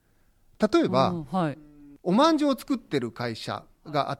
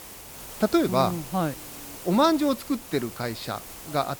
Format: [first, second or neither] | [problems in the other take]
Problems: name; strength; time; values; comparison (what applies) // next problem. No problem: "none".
first | hiss; noticeable; throughout; 15 dB below the speech